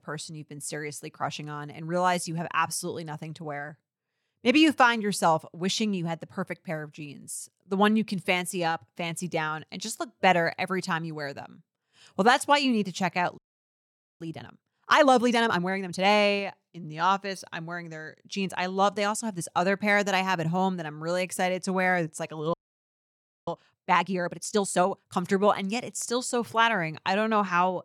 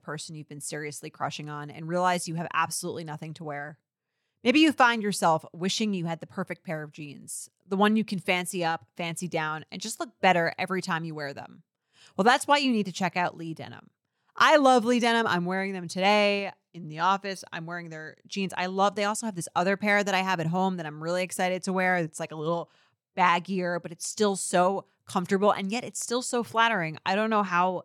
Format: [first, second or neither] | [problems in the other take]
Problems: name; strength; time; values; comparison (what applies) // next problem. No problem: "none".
second | audio freezing; at 13 s for 1 s and at 23 s for 1 s